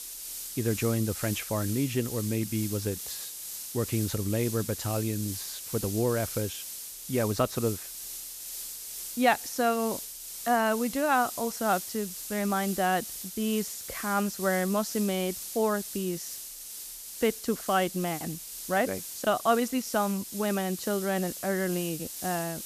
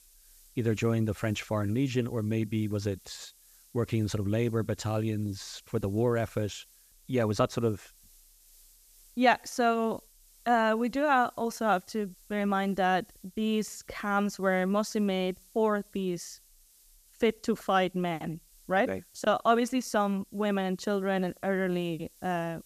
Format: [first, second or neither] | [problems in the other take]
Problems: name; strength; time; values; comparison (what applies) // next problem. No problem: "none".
second | hiss; loud; throughout; 7 dB below the speech; faint in the second